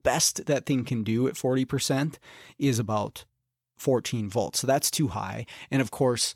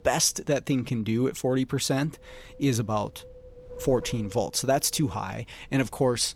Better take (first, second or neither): first